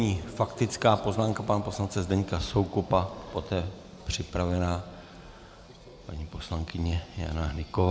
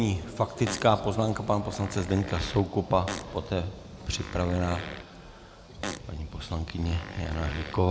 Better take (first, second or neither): first